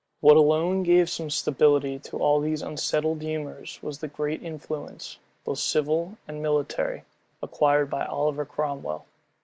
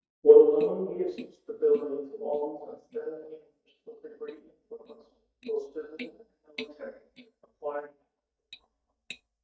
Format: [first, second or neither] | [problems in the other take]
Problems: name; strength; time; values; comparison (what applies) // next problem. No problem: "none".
first | noise reduction (neural mask model DeepFilterNet 3)